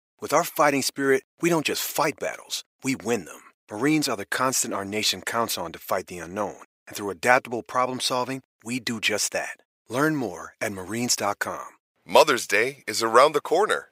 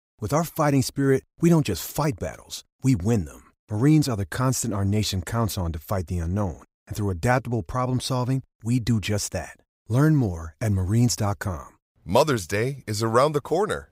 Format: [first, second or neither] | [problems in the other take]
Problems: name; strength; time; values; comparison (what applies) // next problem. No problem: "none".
second | thin; somewhat; fading below 400 Hz